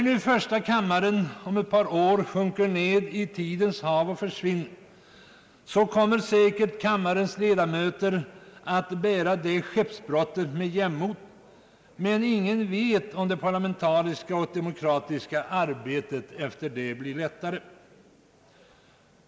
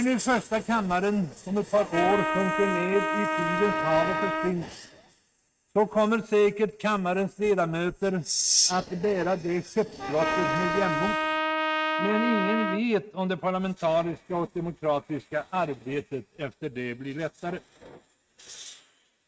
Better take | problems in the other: first | noise reduction (neural mask model RNNoise)

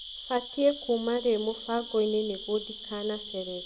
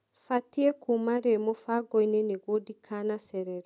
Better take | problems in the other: second | background sound (Cricket); 12 dB below the speech // room echo; dies away in 1.5 s

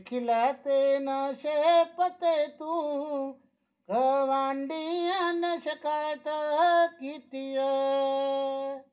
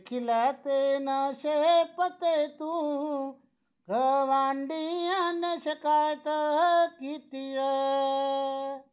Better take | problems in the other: second | room echo; dies away in 0.2 s

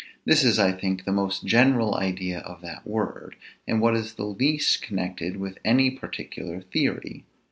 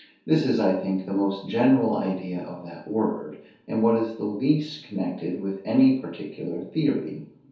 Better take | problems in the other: first | room echo; dies away in 0.6 s

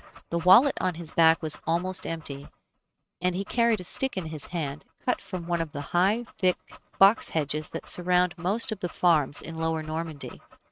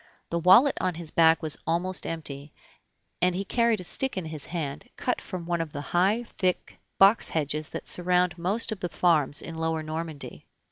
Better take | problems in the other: second | noise reduction (neural mask model RNNoise)

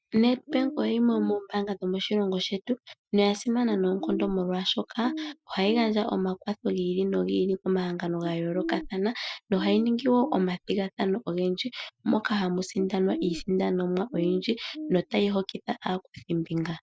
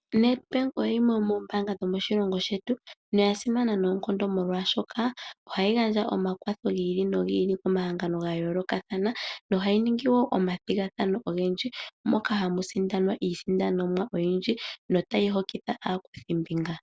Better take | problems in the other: second | noise reduction (classical method Wiener filter)

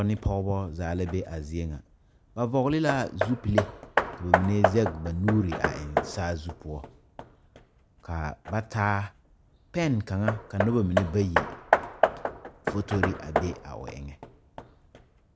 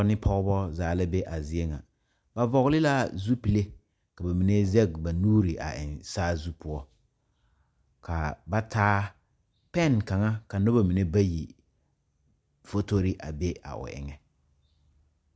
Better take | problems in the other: second | background sound (Hammer); 2 dB below the speech

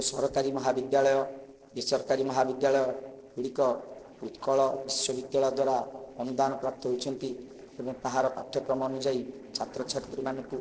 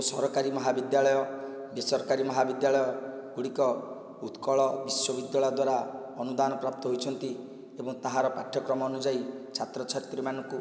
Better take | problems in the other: second | noise reduction (neural separator model SepFormer DNS4)

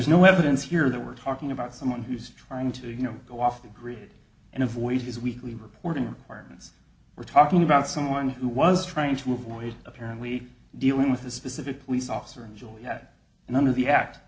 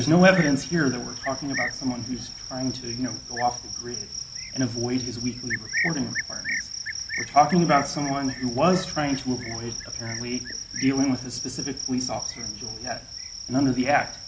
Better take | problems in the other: first | background sound (Cricket); 8 dB below the speech

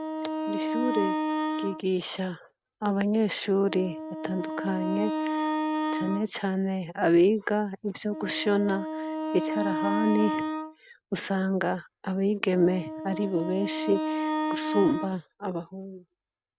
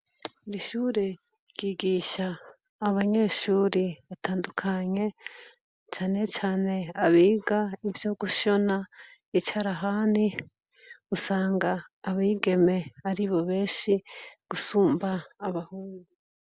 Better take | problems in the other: second | noise reduction (neural mask model RNNoise)

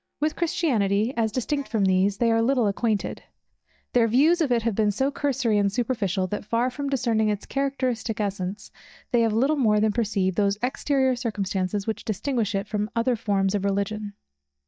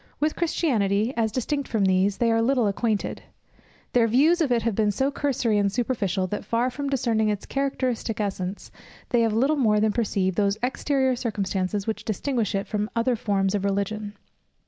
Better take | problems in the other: second | noise reduction (neural mask model DeepFilterNet 3)

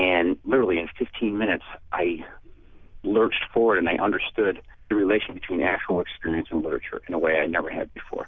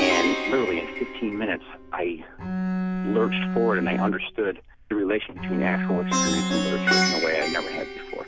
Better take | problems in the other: first | background sound (Plucked string instrument + Bowed string instrument); as loud as the speech

